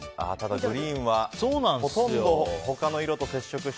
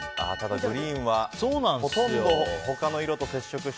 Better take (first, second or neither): first